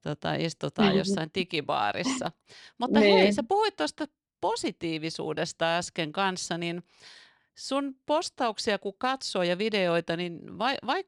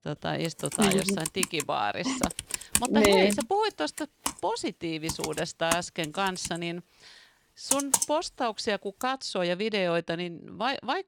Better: first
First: none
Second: keyboard typing; loud; from 0.5 to 9 s; peak 5 dB above the speech

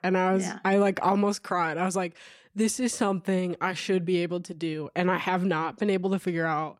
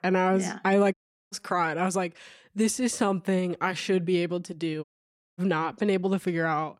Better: first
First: none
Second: audio cutting out; at 1 s and at 5 s for 0.5 s

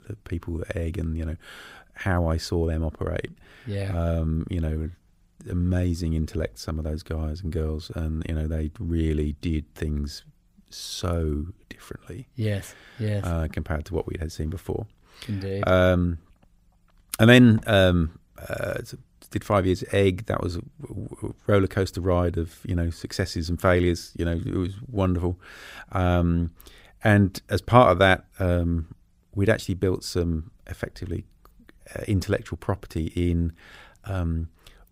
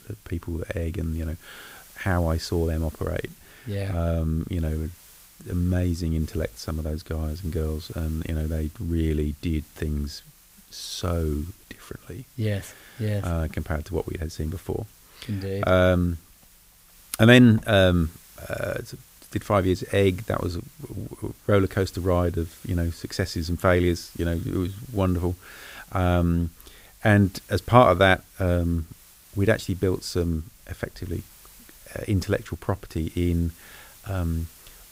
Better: first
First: none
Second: hiss; faint; throughout; 25 dB below the speech

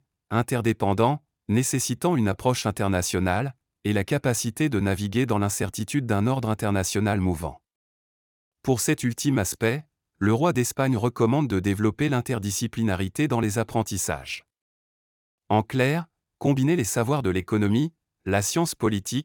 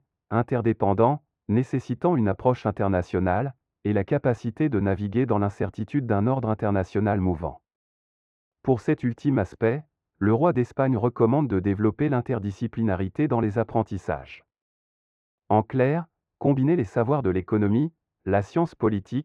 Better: first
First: none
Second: muffled; very; fading above 1.5 kHz

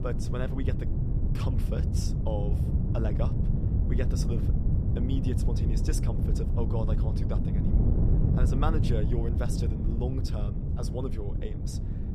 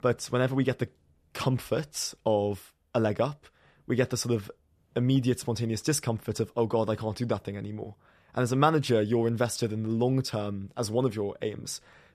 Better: second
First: wind noise on the microphone; heavy; 1 dB below the speech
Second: none

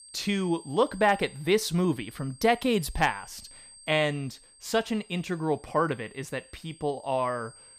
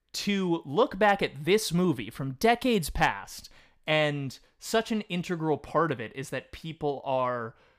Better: second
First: high-pitched whine; faint; throughout; 8.5 kHz, 20 dB below the speech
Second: none

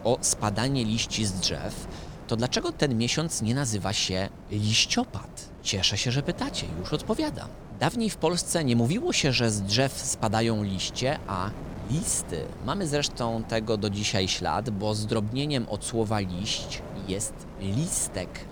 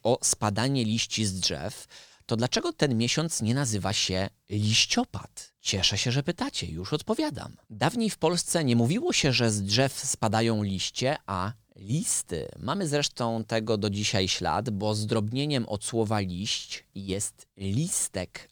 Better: second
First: wind noise on the microphone; occasional gusts; 15 dB below the speech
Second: none

